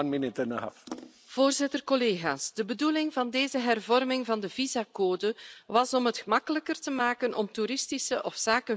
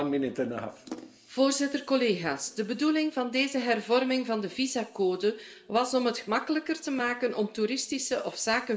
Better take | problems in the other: first | room echo; dies away in 1.5 s

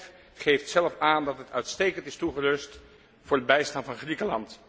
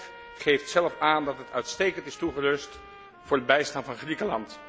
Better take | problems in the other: first | background sound (Trumpet); 19 dB below the speech

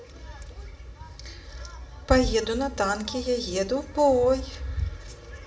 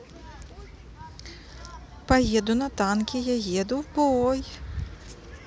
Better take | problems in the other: second | room echo; dies away in 0.6 s

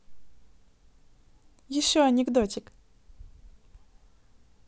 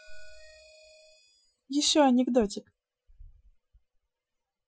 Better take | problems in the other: first | noise reduction (classical method Wiener filter)

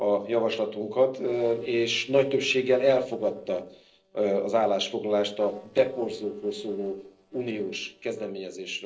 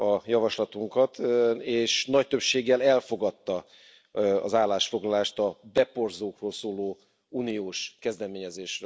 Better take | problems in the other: second | noise reduction (neural separator model SepFormer DNS4)

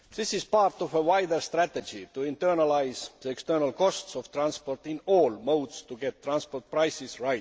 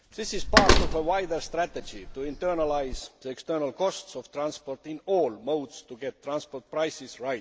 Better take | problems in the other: first | background sound (Slam); 4 dB above the speech

